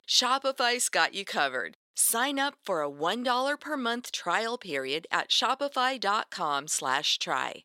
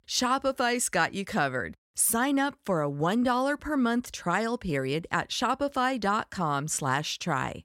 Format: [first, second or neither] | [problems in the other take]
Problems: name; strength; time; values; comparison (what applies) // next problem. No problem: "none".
second | thin; somewhat; fading below 400 Hz